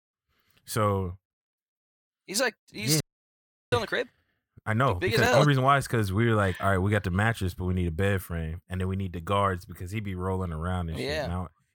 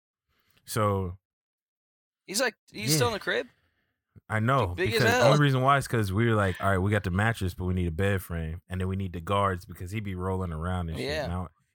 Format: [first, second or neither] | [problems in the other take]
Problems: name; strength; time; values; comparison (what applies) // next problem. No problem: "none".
second | audio freezing; at 3 s for 0.5 s